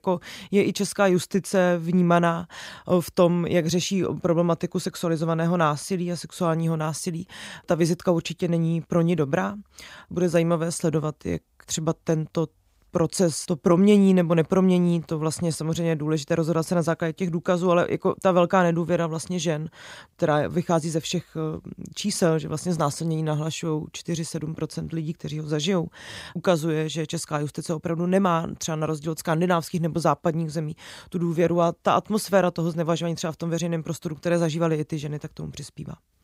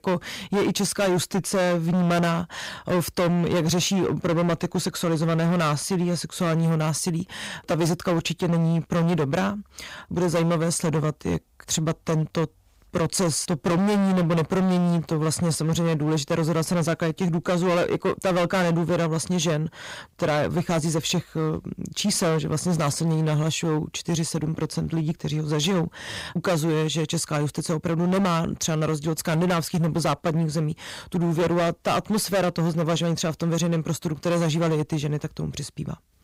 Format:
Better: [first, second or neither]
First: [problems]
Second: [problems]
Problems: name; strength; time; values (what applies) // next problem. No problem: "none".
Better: first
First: none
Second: distortion; heavy; 20% of the sound clipped